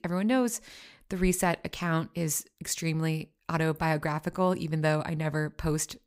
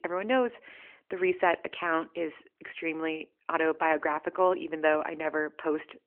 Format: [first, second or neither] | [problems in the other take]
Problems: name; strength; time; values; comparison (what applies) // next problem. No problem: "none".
first | phone-call audio